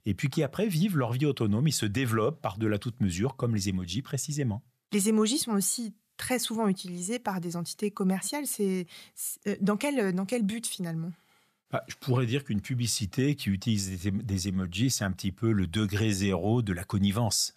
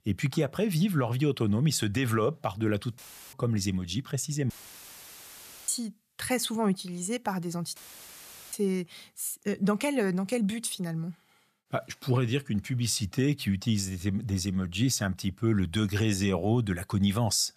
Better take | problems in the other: first | audio cutting out; filled with static; at 3 s, at 4.5 s for 1 s and at 8 s for 1 s

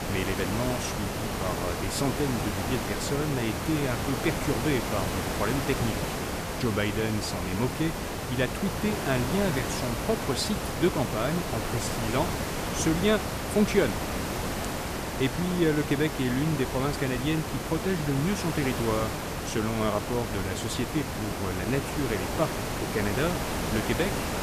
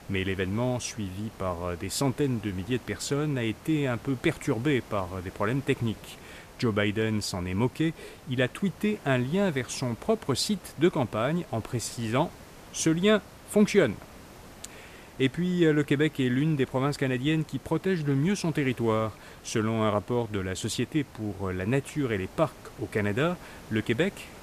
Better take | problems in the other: second | hiss; loud; throughout; 2 dB below the speech; faint in the second

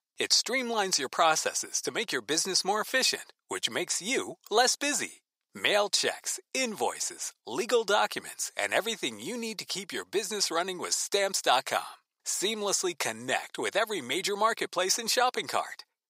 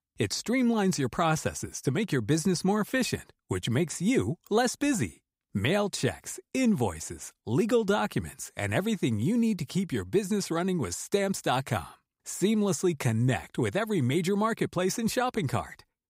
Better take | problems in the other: second | thin; very; fading below 600 Hz

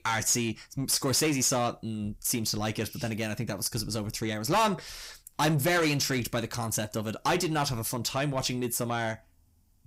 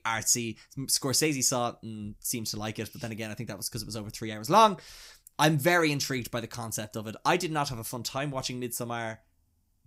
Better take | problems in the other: second | distortion; heavy; 6 dB below the speech

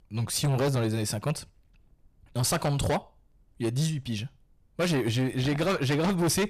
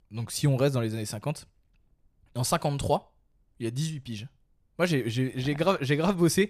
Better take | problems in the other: second | distortion; heavy; 6 dB below the speech

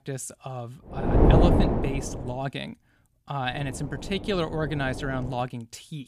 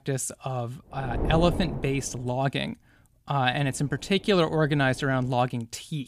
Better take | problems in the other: second | wind noise on the microphone; heavy; from 1 to 2.5 s and from 3.5 to 5.5 s; 4 dB above the speech; occasional gusts in the second

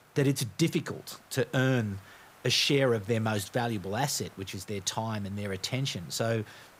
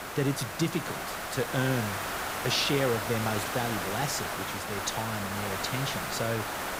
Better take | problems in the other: first | hiss; loud; throughout; 1 dB below the speech; faint in the first

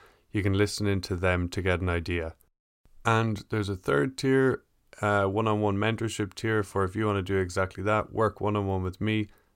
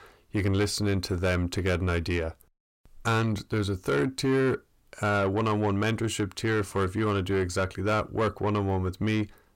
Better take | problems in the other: first | distortion; slight; 10 dB below the speech

